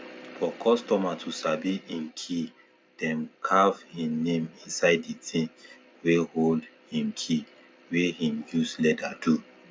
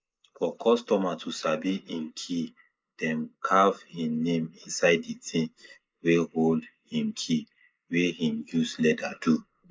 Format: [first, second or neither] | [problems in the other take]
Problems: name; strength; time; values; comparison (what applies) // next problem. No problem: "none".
first | noise reduction (neural mask model Resemble Enhance denoiser)